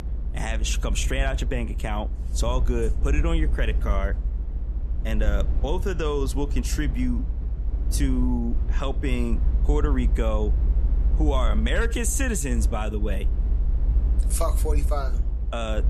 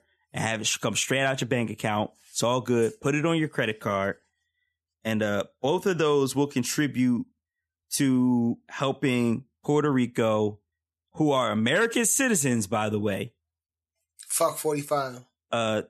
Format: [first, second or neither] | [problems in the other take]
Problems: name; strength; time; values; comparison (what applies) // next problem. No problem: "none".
second | low rumble; noticeable; throughout; 15 dB below the speech